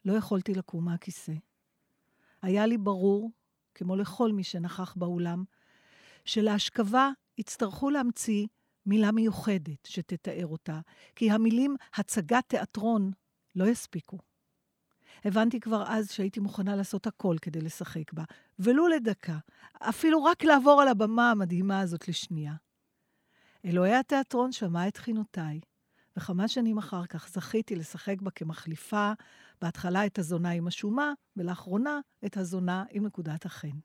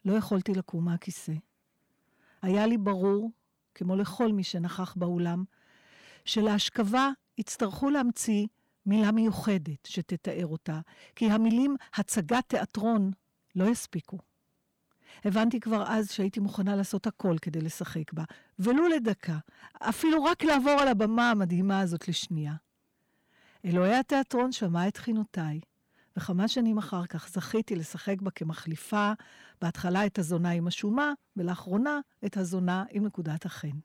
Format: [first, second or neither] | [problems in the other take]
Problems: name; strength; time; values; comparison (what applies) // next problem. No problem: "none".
first | distortion; slight; 10 dB below the speech